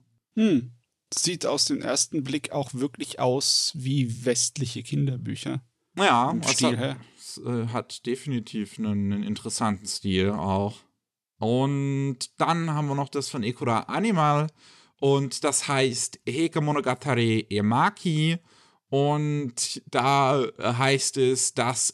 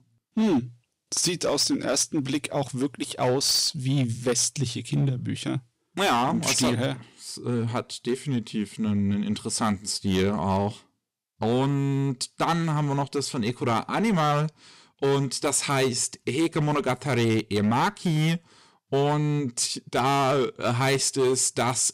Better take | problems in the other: first | distortion; slight; 9% of the sound clipped

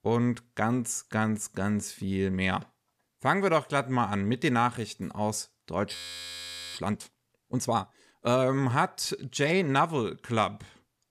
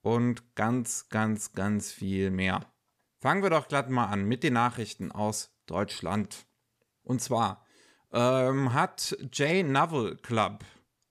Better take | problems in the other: second | audio freezing; at 6 s for 1 s

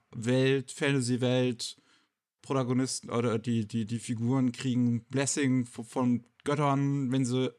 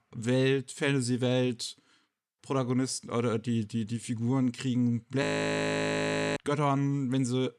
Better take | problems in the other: first | audio freezing; at 5 s for 1 s

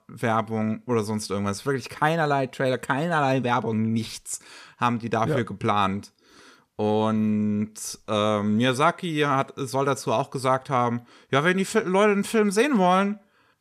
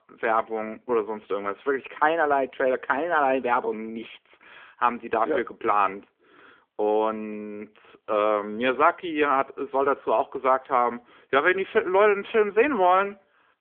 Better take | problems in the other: first | phone-call audio; nothing above 3.5 kHz

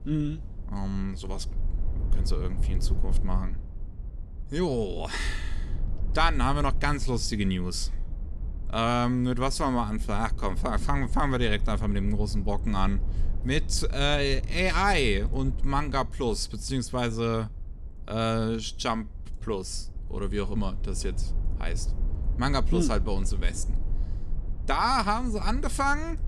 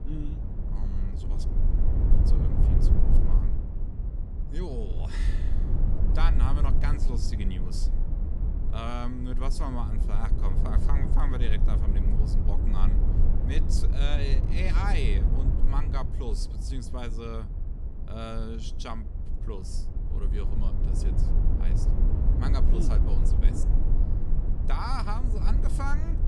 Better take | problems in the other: first | low rumble; loud; throughout; 5 dB below the speech; faint in the first

